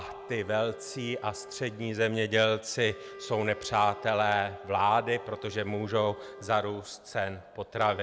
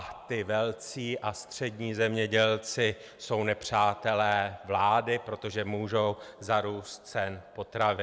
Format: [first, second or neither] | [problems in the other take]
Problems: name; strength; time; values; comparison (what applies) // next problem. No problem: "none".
second | background sound (Wind instrument, woodwind instrument); 17 dB below the speech